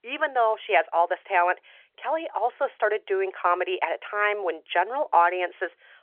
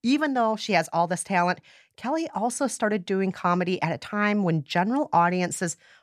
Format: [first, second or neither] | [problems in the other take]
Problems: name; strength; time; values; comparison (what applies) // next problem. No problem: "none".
second | phone-call audio